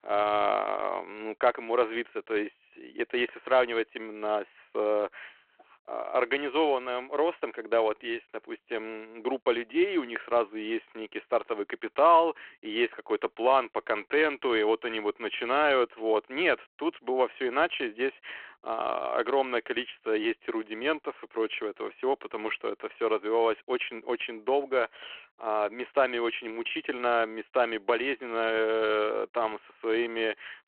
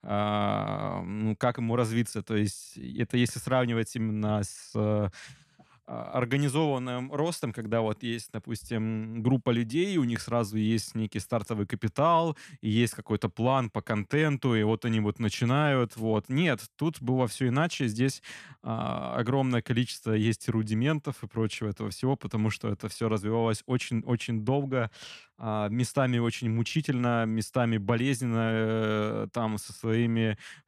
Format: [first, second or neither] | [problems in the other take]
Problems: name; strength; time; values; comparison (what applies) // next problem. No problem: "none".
second | phone-call audio